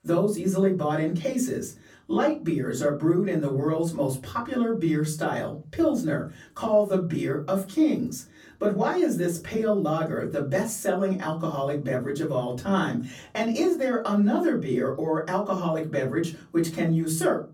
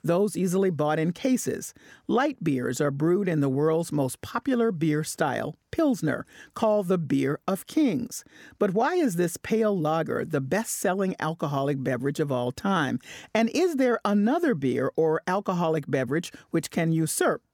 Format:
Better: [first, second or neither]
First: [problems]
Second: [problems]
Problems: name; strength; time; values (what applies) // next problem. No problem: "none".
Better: second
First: off-mic speech; far // room echo; very slight; dies away in 0.3 s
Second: none